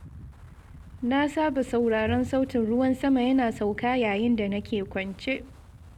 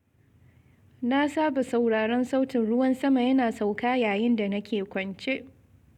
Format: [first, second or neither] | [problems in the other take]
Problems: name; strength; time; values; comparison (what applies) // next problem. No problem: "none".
second | background sound (Bowed string instrument + Wind); 16 dB below the speech